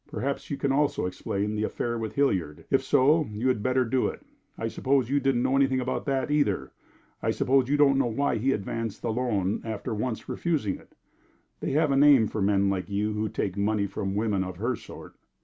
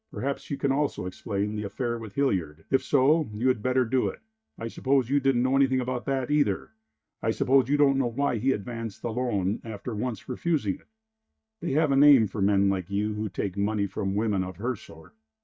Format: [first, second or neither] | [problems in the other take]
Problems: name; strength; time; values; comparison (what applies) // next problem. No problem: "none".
first | noise reduction (neural mask model DeepFilterNet 3)